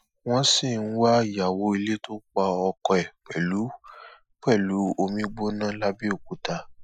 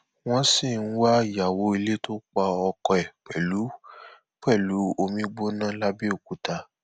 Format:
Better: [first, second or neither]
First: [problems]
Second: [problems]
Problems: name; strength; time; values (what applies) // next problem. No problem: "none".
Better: second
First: noise reduction (classical method Wiener filter)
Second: none